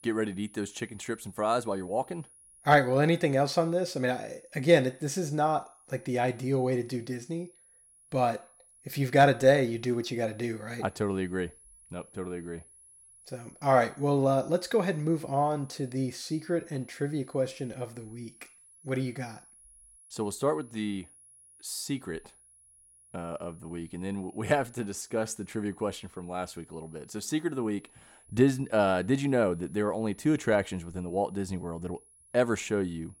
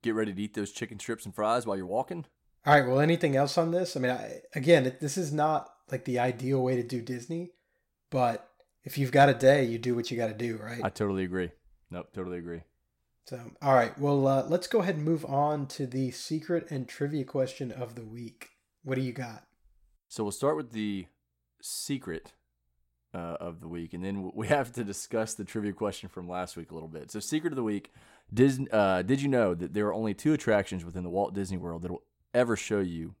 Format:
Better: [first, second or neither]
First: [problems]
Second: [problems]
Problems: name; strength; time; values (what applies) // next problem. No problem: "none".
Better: second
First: high-pitched whine; faint; throughout; 10.5 kHz, 25 dB below the speech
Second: none